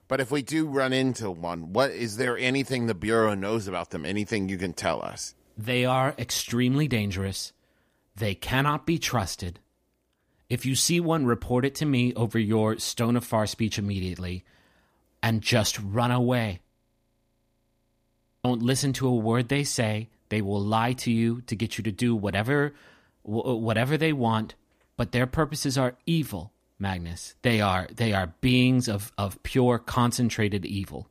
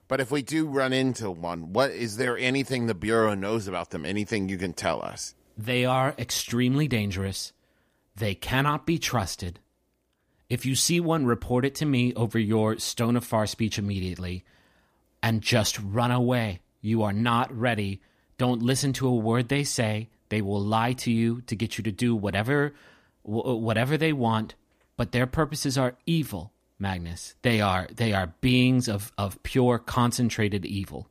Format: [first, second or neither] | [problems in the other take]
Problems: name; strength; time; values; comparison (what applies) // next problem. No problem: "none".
second | audio freezing; at 17 s for 2 s